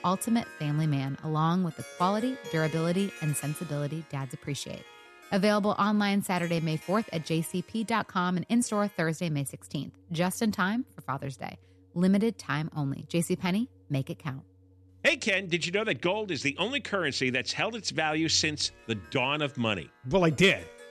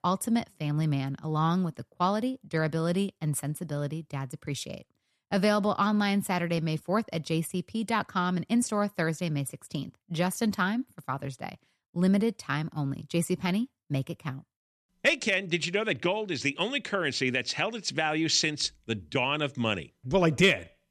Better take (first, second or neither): second